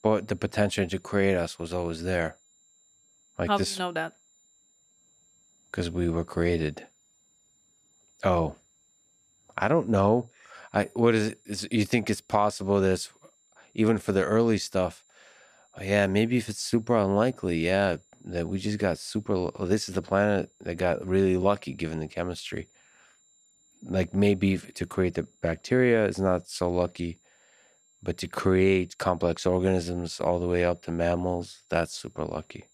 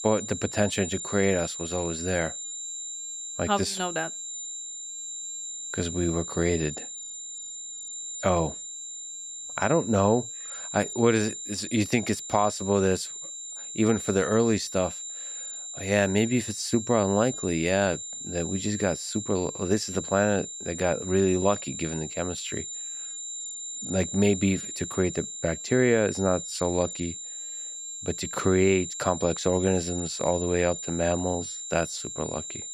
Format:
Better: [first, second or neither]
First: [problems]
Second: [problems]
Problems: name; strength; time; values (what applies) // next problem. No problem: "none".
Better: first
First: high-pitched whine; faint; throughout; 7 kHz, 35 dB below the speech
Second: high-pitched whine; loud; throughout; 7 kHz, 7 dB below the speech